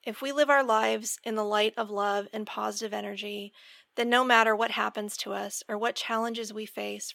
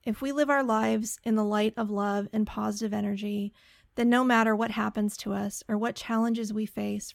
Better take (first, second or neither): second